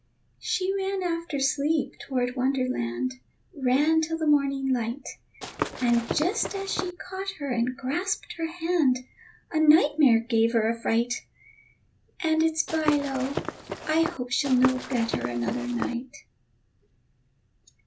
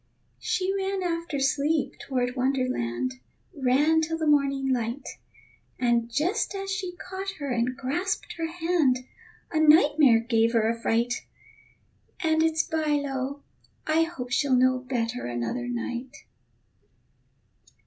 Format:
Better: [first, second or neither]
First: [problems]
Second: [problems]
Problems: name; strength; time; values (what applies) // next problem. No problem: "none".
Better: second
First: background sound (Walk, footsteps / Run); 7 dB below the speech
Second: none